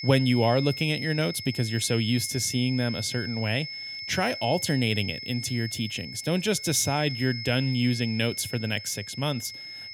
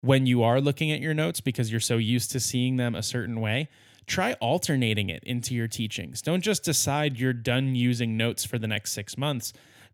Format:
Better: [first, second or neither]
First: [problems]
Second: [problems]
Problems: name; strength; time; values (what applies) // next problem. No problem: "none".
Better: second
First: high-pitched whine; loud; throughout; 5 kHz, 8 dB below the speech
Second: none